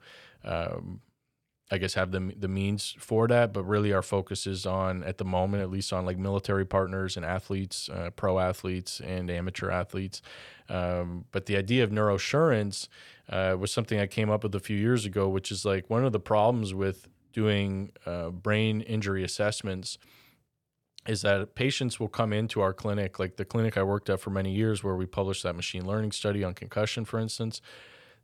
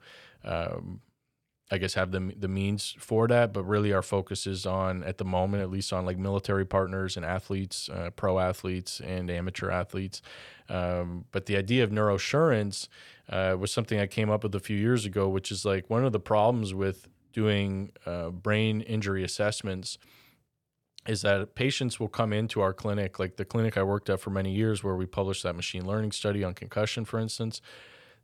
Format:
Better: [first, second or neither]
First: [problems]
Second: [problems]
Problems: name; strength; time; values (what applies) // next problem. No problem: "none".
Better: neither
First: none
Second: none